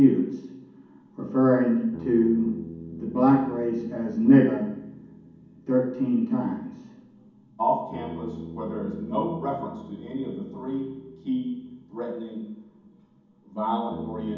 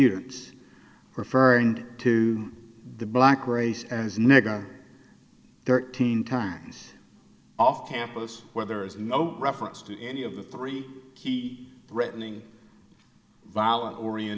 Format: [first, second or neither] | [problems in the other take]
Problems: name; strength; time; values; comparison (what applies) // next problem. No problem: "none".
second | background sound (Bass guitar); 17 dB below the speech // room echo; dies away in 1.2 s